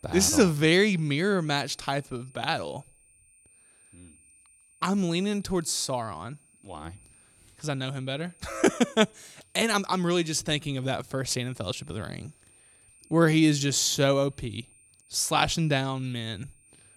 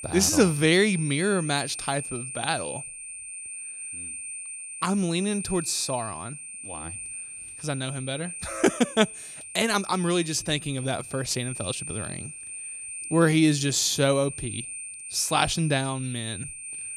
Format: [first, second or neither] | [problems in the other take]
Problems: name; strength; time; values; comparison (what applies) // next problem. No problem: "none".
first | high-pitched whine; loud; throughout; 9 kHz, 9 dB below the speech; faint in the first